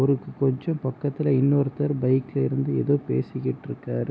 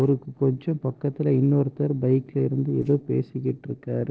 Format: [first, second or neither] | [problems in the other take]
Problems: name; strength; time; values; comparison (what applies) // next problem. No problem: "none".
first | noise reduction (neural separator model SepFormer DNS4)